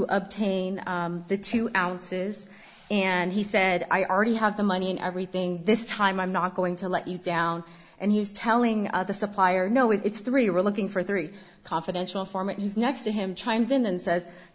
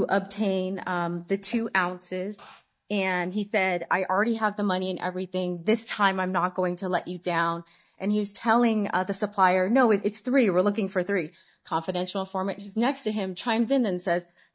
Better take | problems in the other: first | noise reduction (neural mask model DeepFilterNet 3)

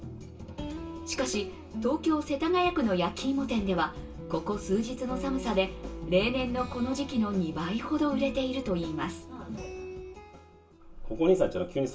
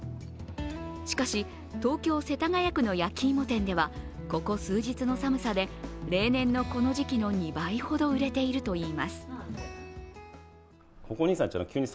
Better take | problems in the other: second | room echo; dies away in 0.2 s

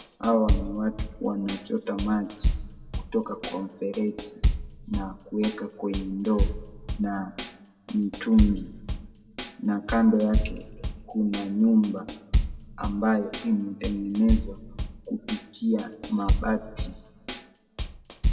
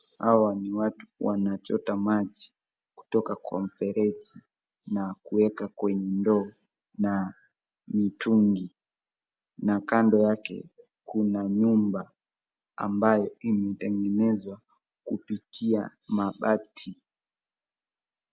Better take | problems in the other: second | background sound (Drum kit); 3 dB below the speech // room echo; dies away in 1 s

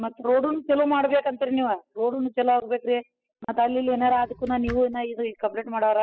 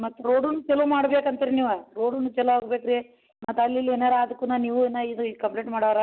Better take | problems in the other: second | noise reduction (classical method spectral subtraction)

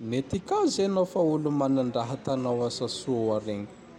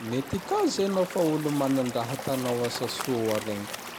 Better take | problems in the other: first | background sound (Stream / Liquid + Crumpling, crinkling); 11 dB below the speech

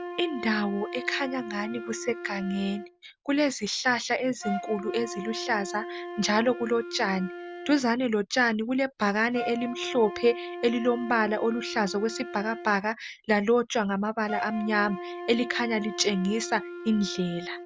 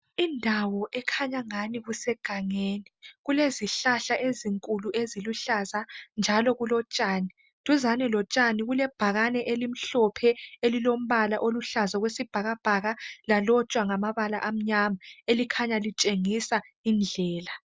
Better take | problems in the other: second | background sound (Wind instrument, woodwind instrument); 11 dB below the speech

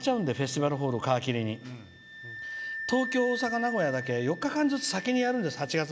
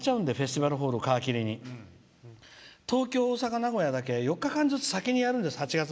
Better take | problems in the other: second | background sound (Wind instrument, woodwind instrument); 11 dB below the speech

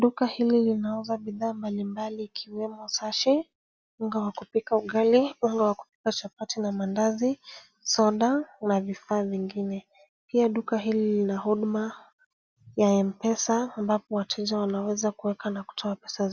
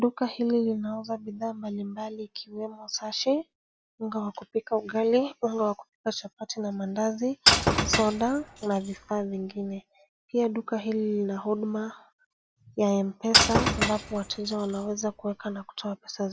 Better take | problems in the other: first | background sound (Shatter / Crushing); 2 dB above the speech

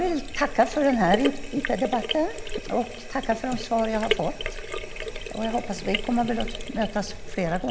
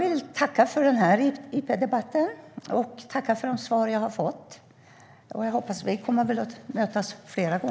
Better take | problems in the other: second | background sound (Sink (filling or washing)); 6 dB below the speech

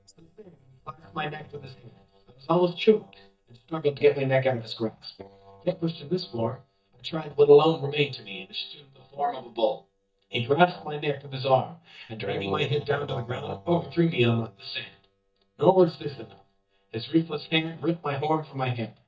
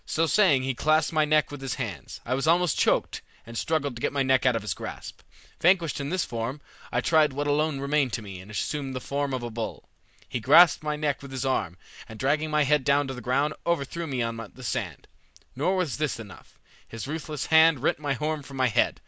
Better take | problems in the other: second | noise reduction (neural mask model DeepFilterNet 3)

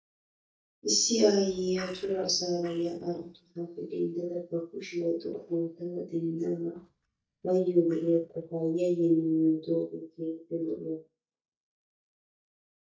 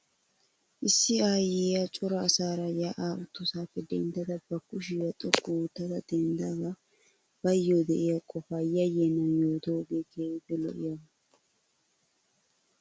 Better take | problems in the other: second | noise reduction (neural mask model DeepFilterNet 3)

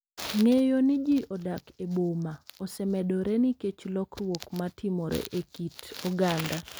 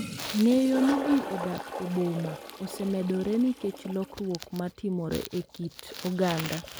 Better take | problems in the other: first | background sound (Toilet flush); 11 dB below the speech

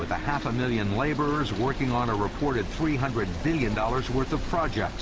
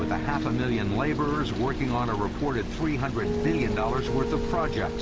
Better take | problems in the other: first | background sound (Piano); 4 dB below the speech

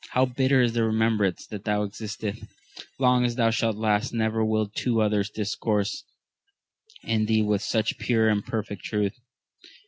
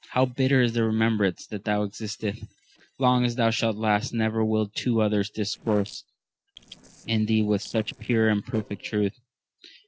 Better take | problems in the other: first | noise reduction (neural separator model SepFormer DNS4)

